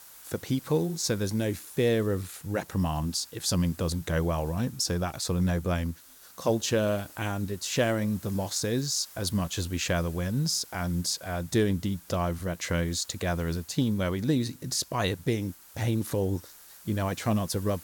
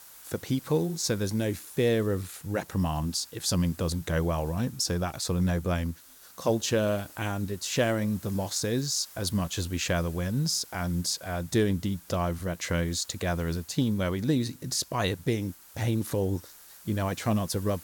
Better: neither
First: hiss; noticeable; throughout; 20 dB below the speech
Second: hiss; noticeable; throughout; 20 dB below the speech

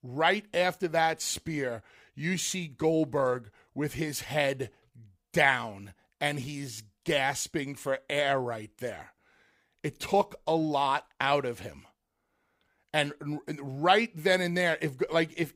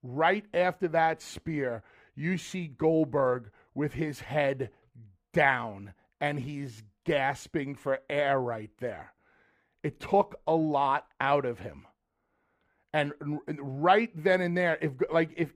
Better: first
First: none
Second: muffled; slightly; fading above 3 kHz

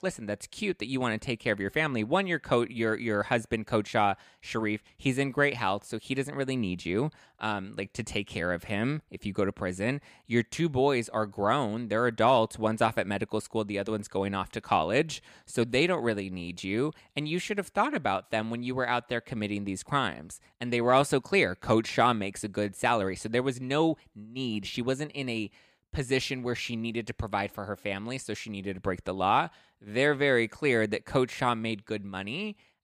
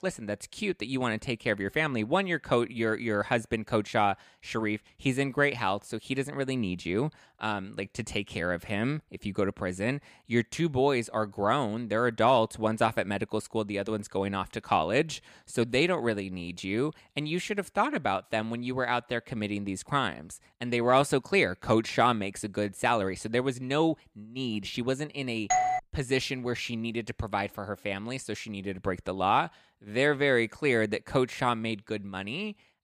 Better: first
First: none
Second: doorbell; loud; at 26 s; peak 3 dB above the speech

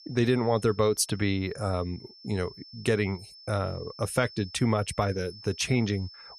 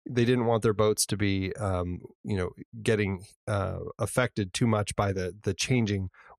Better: second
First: high-pitched whine; noticeable; throughout; 5.5 kHz, 20 dB below the speech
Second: none

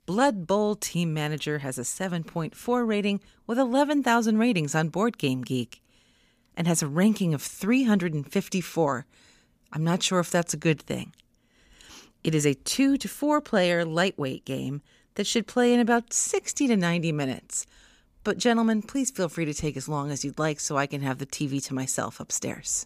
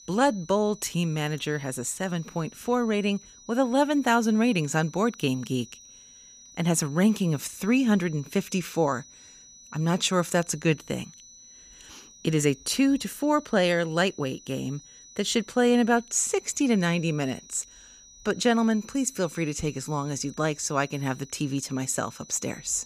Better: first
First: none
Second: high-pitched whine; faint; throughout; 6 kHz, 20 dB below the speech

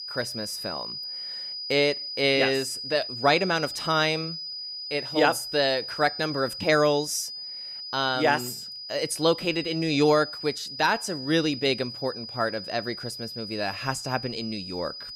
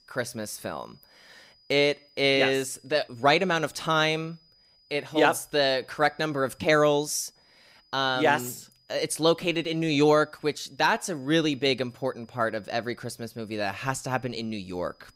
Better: second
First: high-pitched whine; loud; throughout; 5 kHz, 8 dB below the speech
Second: high-pitched whine; faint; throughout; 5 kHz, 35 dB below the speech

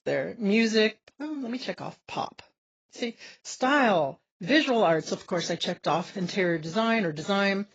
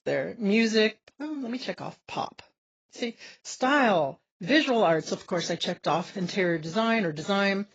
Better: neither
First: garbled, watery; badly; nothing above 7.5 kHz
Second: garbled, watery; badly; nothing above 7.5 kHz

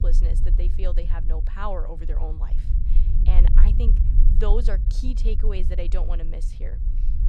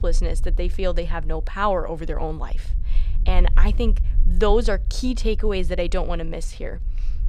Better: second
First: low rumble; loud; throughout; 8 dB below the speech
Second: low rumble; faint; throughout; 25 dB below the speech

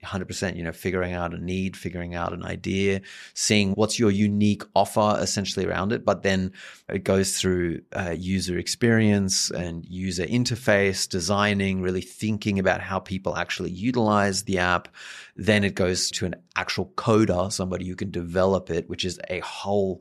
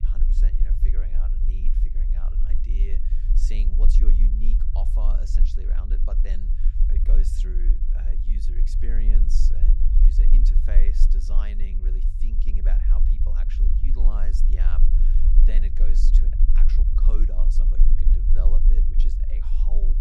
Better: first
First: none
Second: low rumble; loud; throughout; 2 dB below the speech

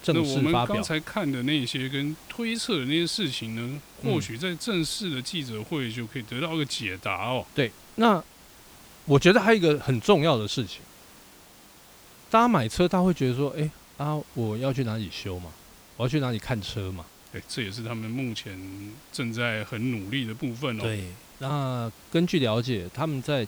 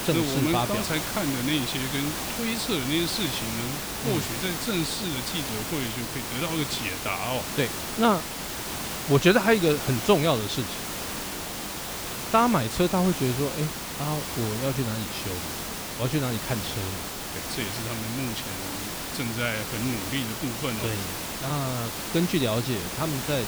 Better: first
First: hiss; faint; throughout; 20 dB below the speech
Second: hiss; loud; throughout; 4 dB below the speech

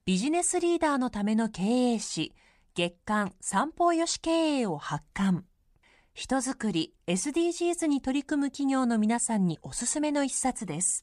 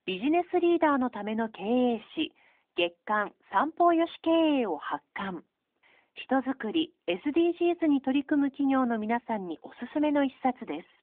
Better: first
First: none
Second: phone-call audio

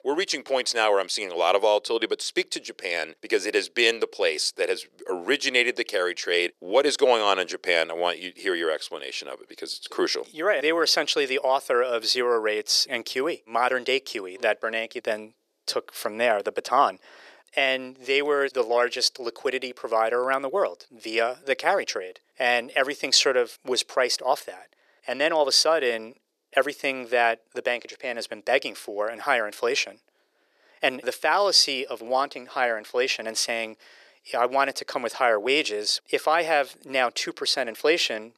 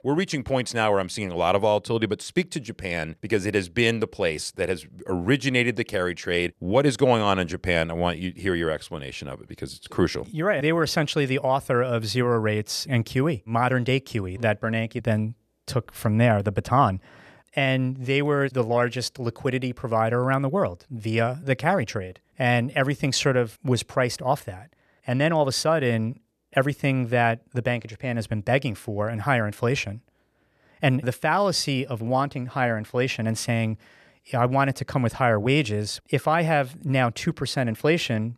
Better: second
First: thin; very; fading below 400 Hz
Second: none

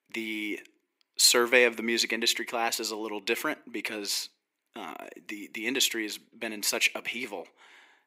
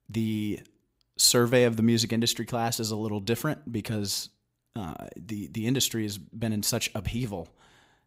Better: second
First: thin; somewhat; fading below 300 Hz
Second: none

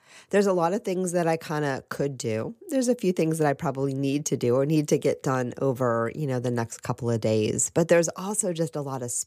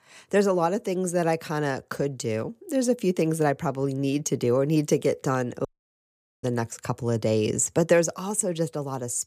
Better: first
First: none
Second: audio cutting out; at 5.5 s for 1 s

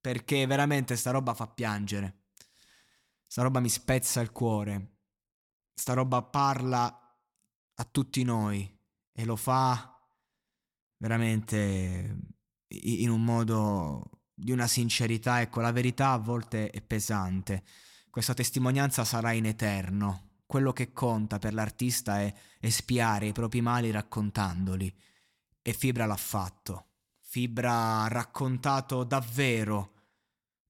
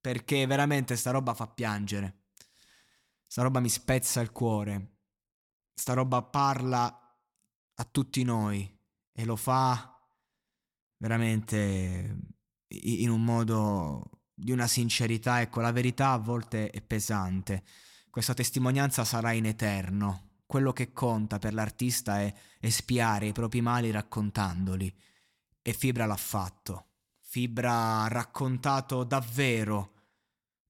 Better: neither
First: none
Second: none

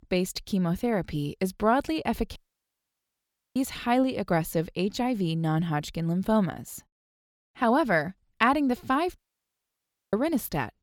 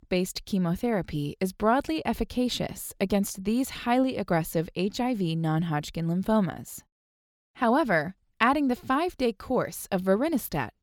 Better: second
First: audio cutting out; at 2.5 s for 1 s and at 9 s for 1 s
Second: none

